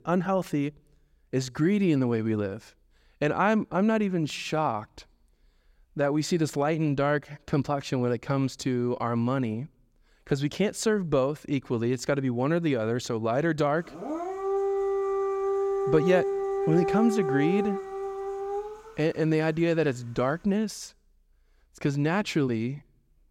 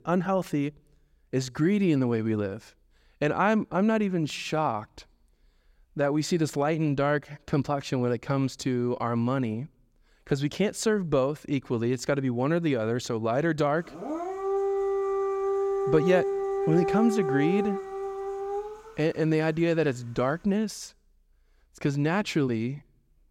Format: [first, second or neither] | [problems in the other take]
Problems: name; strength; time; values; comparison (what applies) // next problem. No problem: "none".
neither | dog barking; loud; from 14 to 19 s; peak level with the speech; the same in both